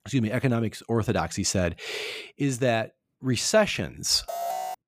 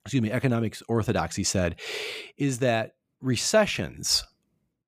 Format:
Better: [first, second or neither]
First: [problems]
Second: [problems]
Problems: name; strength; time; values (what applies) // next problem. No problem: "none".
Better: second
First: alarm; noticeable; at 4.5 s; peak 5 dB below the speech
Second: none